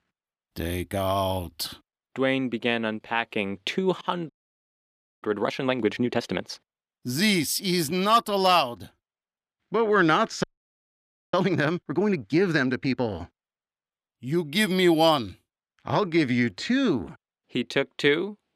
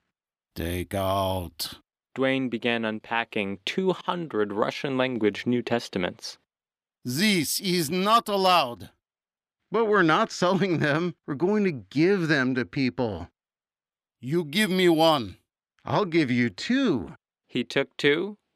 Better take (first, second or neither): second